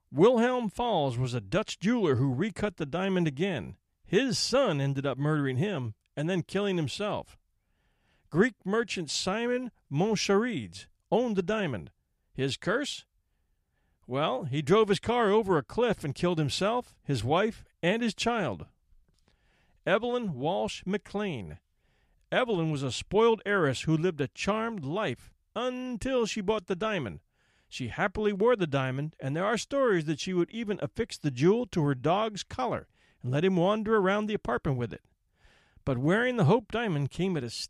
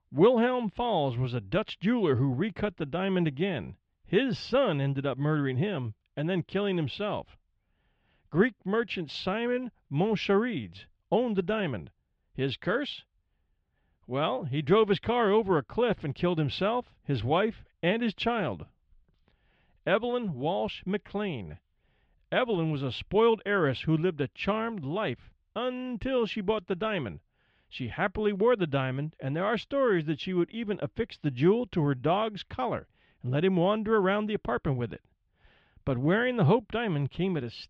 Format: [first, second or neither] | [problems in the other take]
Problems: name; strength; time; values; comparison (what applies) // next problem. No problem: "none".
first | muffled; slightly; fading above 3.5 kHz